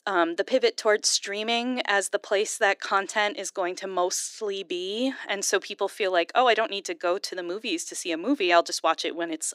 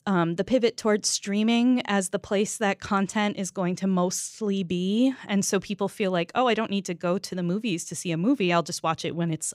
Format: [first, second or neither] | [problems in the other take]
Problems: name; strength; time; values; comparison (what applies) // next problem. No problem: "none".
second | thin; somewhat; fading below 300 Hz